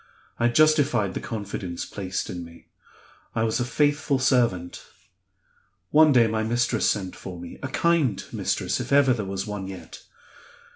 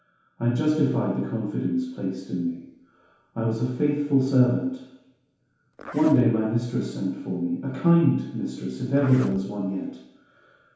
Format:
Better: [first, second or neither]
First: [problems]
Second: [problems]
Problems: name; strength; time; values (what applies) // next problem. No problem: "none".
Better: first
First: none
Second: background sound (Zipper (clothing)); 19 dB below the speech // room echo; dies away in 0.8 s